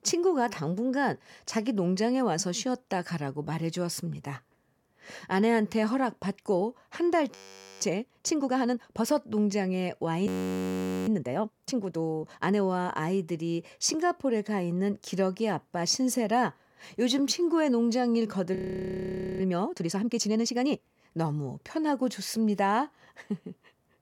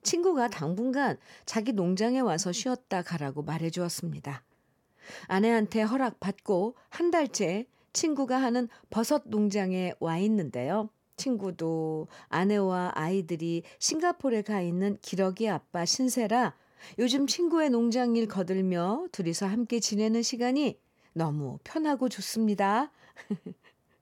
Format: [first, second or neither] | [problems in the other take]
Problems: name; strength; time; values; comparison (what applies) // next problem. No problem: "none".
second | audio freezing; at 7.5 s, at 10 s for 1 s and at 19 s for 1 s